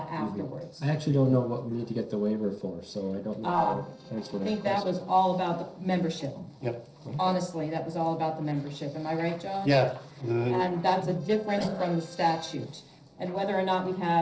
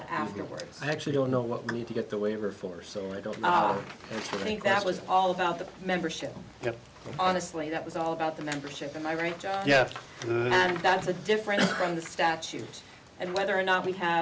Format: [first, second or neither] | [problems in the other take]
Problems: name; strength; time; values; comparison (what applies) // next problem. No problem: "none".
second | noise reduction (neural separator model SepFormer DNS4)